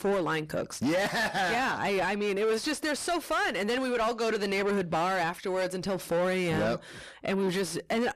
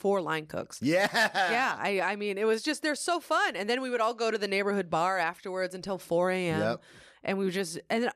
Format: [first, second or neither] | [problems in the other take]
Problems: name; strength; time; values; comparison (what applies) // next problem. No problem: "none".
second | distortion; heavy; 7 dB below the speech